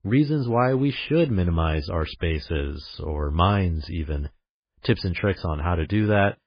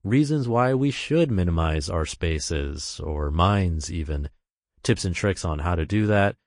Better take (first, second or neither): second